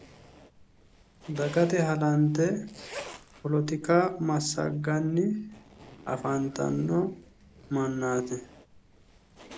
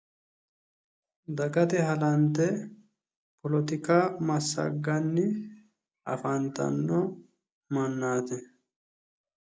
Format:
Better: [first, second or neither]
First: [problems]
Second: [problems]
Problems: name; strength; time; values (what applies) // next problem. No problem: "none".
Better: second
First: background sound (Zipper (clothing)); 19 dB below the speech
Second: none